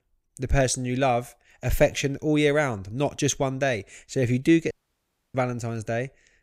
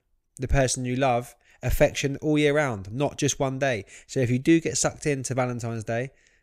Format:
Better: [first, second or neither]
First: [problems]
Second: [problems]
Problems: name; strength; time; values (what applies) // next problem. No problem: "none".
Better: second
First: audio cutting out; at 4.5 s for 0.5 s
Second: none